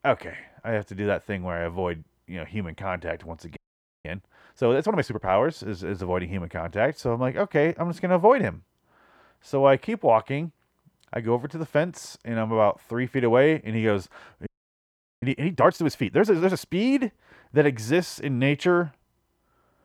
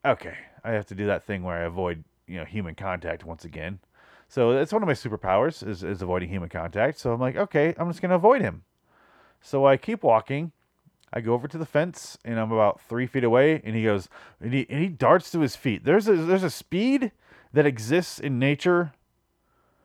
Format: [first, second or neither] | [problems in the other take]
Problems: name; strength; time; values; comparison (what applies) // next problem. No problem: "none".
second | audio freezing; at 3.5 s and at 14 s for 1 s